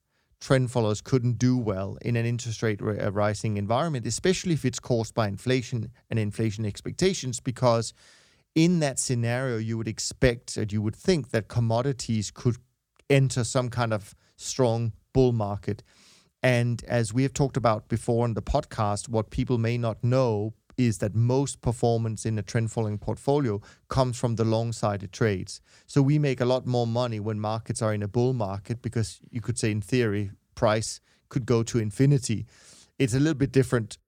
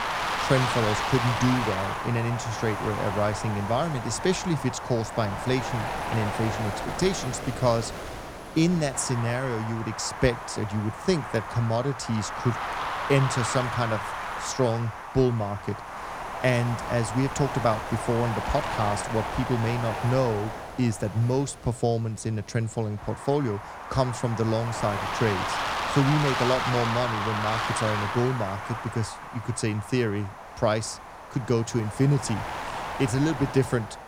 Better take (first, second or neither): first